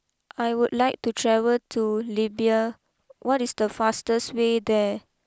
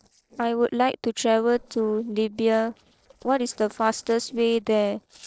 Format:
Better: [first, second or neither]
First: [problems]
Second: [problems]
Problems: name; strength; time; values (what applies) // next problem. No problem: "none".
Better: first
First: none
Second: noise reduction (neural separator model SepFormer DNS4)